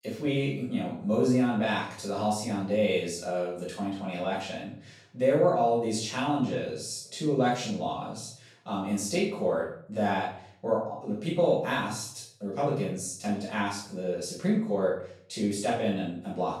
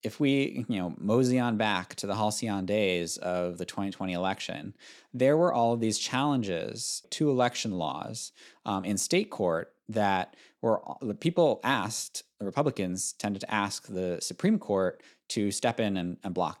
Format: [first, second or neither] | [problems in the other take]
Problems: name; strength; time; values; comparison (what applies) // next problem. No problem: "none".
second | off-mic speech; far // room echo; noticeable; dies away in 0.5 s